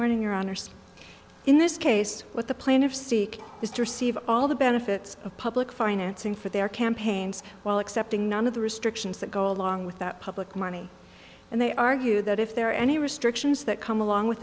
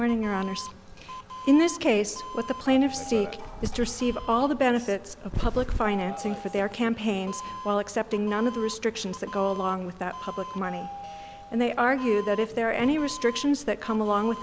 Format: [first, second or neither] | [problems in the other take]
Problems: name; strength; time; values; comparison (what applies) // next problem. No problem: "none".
first | background sound (Doorbell); 11 dB below the speech